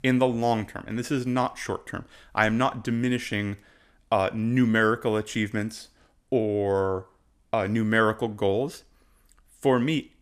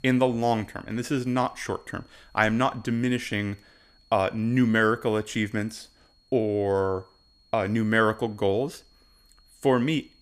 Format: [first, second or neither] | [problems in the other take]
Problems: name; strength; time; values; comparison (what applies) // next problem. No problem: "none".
first | high-pitched whine; faint; throughout; 4.5 kHz, 35 dB below the speech